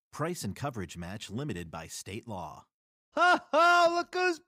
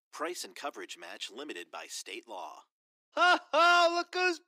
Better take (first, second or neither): first